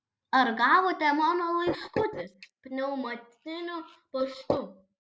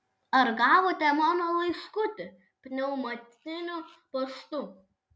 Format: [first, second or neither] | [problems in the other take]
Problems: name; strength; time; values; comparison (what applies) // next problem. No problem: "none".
second | noise reduction (neural mask model Resemble Enhance denoiser)